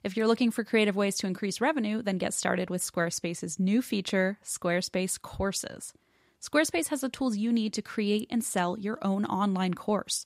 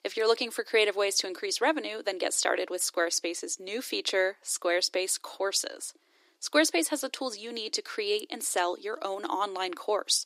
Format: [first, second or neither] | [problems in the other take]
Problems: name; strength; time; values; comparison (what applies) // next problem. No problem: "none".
first | thin; very; fading below 300 Hz